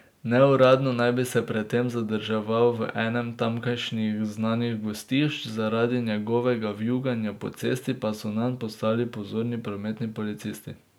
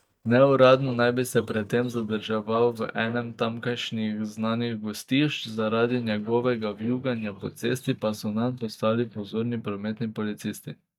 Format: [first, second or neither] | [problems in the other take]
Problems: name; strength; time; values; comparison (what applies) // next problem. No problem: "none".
first | noise reduction (neural mask model DeepFilterNet 3)